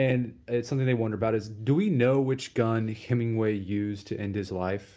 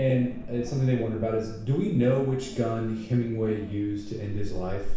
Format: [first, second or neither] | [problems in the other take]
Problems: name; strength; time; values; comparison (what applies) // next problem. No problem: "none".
first | background sound (Wind); 7 dB below the speech // room echo; dies away in 0.7 s